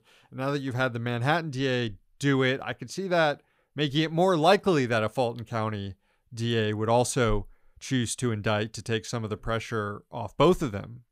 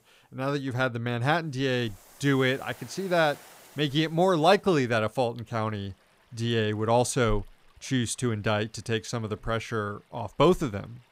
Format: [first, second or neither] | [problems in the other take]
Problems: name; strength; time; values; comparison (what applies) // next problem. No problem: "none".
first | rain or running water; faint; throughout; 25 dB below the speech